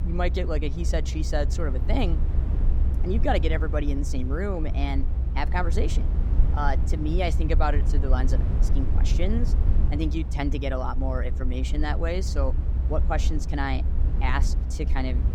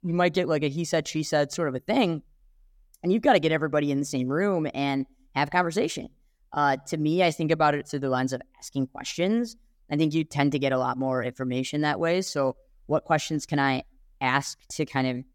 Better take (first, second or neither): second